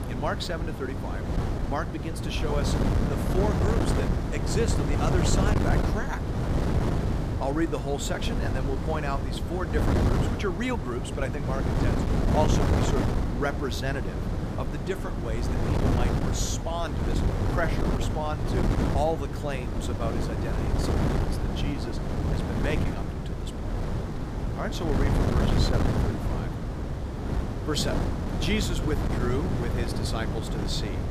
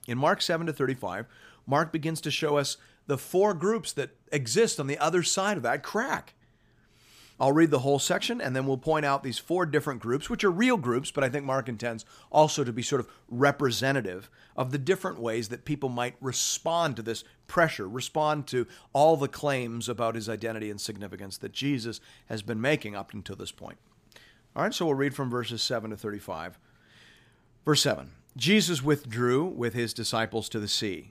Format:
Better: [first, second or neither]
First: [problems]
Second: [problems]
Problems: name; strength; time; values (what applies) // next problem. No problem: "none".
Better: second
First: wind noise on the microphone; heavy; 1 dB below the speech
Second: none